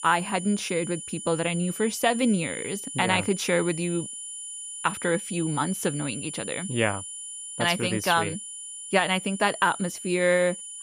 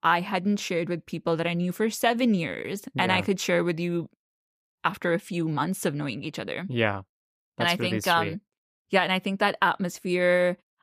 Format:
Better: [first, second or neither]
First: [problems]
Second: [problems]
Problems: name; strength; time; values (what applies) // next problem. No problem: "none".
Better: second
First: high-pitched whine; loud; throughout; 9.5 kHz, 9 dB below the speech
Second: none